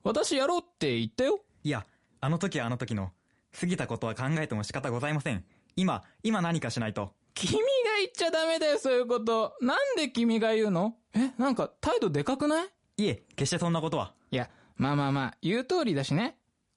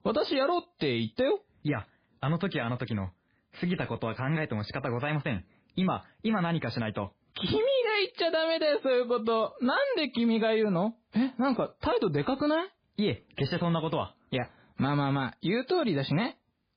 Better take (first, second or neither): first